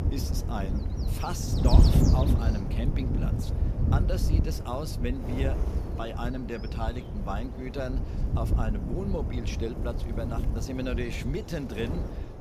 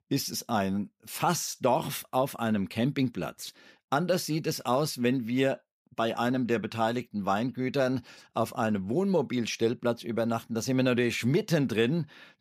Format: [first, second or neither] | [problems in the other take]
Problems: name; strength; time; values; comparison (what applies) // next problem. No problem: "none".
second | wind noise on the microphone; heavy; 3 dB below the speech